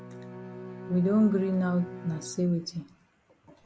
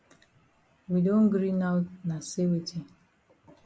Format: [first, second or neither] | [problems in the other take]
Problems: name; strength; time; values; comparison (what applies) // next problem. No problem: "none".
second | background sound (Bowed string instrument); 14 dB below the speech